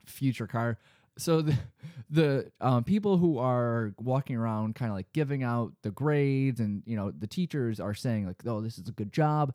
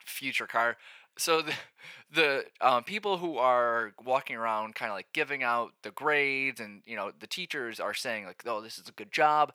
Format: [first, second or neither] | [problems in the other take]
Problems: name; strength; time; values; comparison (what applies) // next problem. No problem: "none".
first | thin; very; fading below 750 Hz